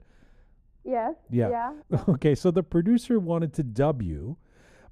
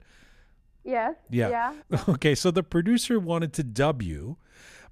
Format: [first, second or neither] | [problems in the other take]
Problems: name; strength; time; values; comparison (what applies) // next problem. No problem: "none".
second | muffled; slightly; fading above 1 kHz